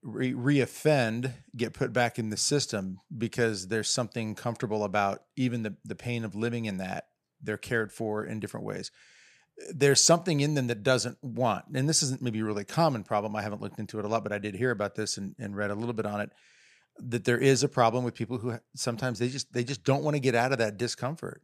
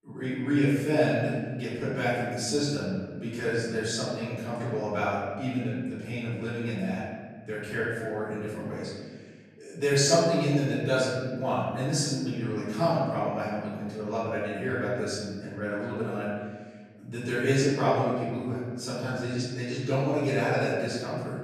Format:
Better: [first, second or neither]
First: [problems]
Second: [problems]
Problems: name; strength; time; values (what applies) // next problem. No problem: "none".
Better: first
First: none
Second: room echo; strong; dies away in 1.5 s // off-mic speech; far